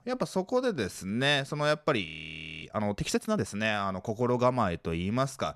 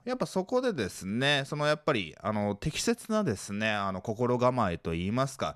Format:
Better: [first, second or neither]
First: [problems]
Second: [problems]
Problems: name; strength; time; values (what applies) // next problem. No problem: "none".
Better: second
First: audio freezing; at 2 s for 0.5 s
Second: none